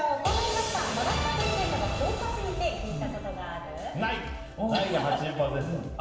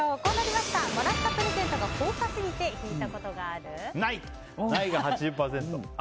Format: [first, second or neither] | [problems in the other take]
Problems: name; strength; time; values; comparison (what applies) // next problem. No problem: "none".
second | room echo; dies away in 1 s